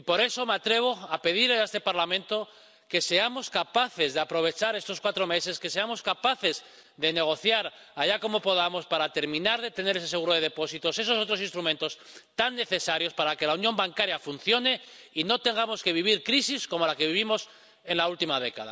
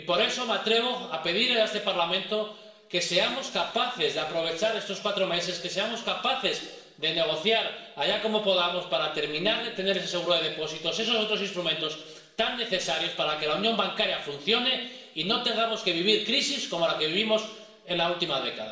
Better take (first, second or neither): first